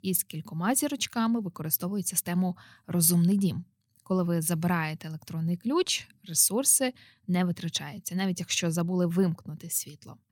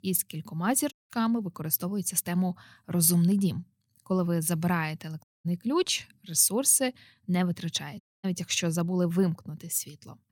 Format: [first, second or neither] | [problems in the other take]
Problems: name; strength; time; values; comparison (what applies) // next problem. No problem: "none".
first | audio cutting out; at 1 s, at 5 s and at 8 s